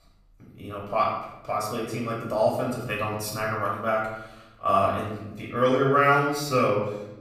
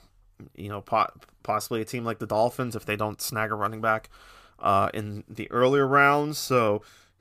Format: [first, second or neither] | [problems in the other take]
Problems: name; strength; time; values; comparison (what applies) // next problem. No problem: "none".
second | off-mic speech; far // room echo; noticeable; dies away in 0.8 s